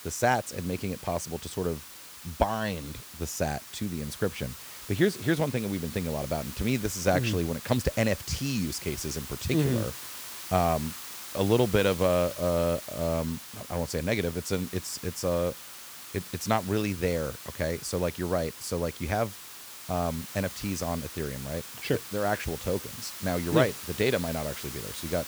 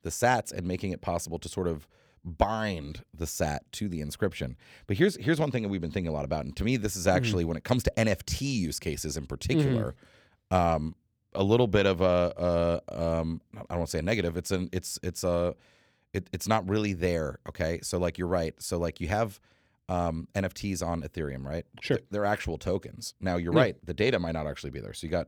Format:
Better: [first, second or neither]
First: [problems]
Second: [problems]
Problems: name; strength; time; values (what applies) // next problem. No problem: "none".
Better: second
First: hiss; noticeable; throughout; 10 dB below the speech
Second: none